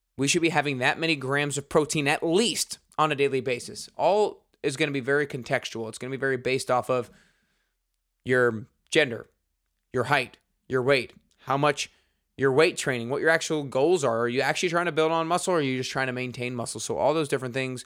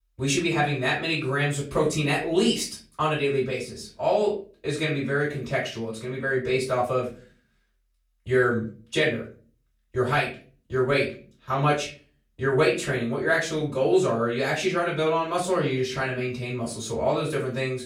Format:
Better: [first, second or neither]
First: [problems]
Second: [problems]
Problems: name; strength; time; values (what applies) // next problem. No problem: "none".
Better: first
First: none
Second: off-mic speech; far // room echo; slight; dies away in 0.4 s